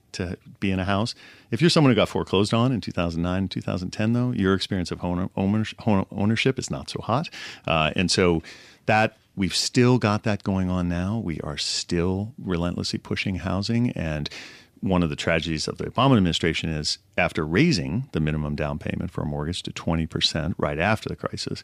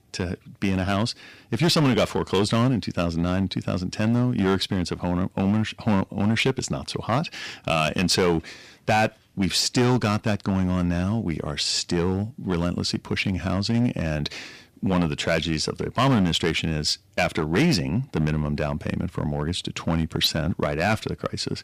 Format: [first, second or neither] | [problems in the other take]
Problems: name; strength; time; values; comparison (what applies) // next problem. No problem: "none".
first | distortion; slight; 5% of the sound clipped